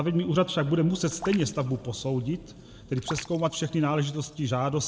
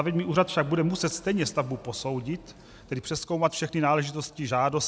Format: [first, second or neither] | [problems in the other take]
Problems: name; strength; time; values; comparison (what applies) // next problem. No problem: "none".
second | background sound (Raindrop); 16 dB below the speech // room echo; dies away in 0.8 s